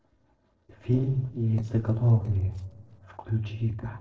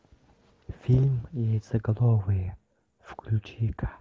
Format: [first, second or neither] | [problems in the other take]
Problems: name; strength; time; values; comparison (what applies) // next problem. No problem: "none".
second | noise reduction (neural separator model SepFormer DNS4)